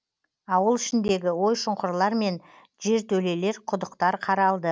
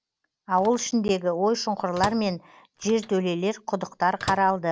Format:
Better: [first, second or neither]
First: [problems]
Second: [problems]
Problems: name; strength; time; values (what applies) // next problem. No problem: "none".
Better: first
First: none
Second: background sound (Microwave oven); 17 dB below the speech